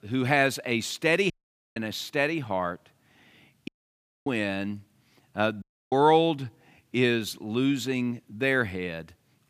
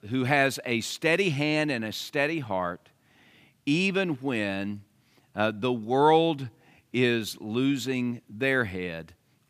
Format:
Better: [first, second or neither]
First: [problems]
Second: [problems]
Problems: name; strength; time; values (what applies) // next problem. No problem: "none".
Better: second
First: audio cutting out; at 1.5 s, at 3.5 s for 0.5 s and at 5.5 s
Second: none